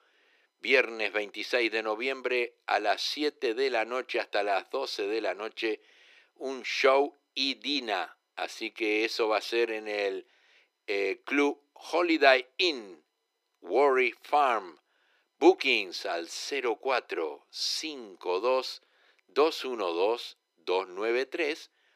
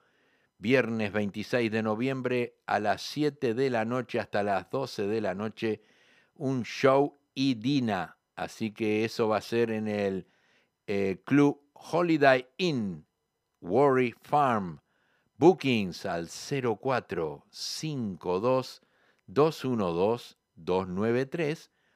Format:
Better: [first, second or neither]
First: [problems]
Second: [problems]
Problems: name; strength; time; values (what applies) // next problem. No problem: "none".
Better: second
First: thin; somewhat; fading below 350 Hz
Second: none